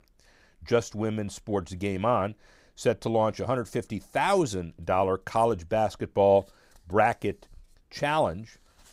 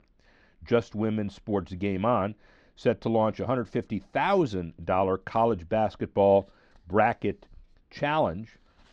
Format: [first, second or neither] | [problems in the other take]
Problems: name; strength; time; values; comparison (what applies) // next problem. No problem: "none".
first | muffled; slightly; fading above 4 kHz